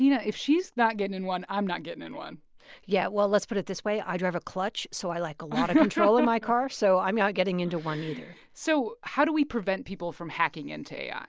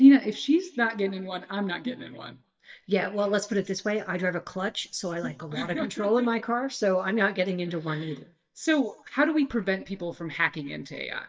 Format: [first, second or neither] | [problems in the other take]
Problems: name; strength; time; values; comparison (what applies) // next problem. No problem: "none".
first | noise reduction (neural mask model DeepFilterNet 3)